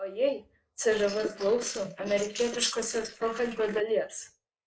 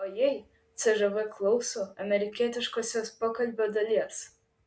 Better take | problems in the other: second | noise reduction (neural mask model Resemble Enhance denoiser)

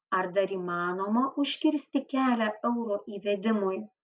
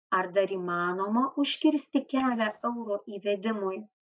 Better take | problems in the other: first | noise reduction (neural mask model DeepFilterNet 3)

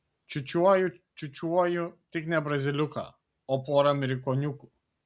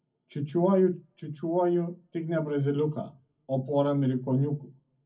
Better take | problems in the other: first | room echo; dies away in 0.3 s

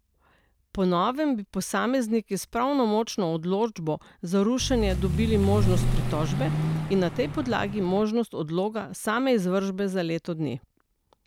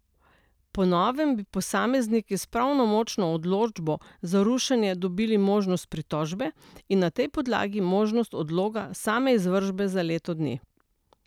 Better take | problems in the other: second | background sound (Vehicle); as loud as the speech

